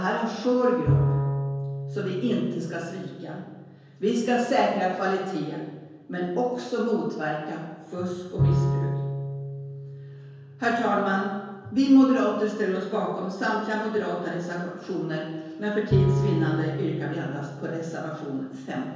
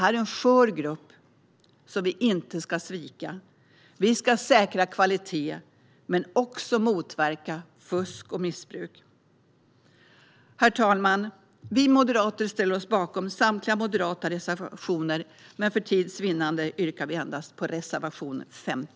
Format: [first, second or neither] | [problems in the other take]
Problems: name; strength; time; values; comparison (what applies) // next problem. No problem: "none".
second | background sound (Bowed string instrument); 4 dB below the speech // room echo; dies away in 1.2 s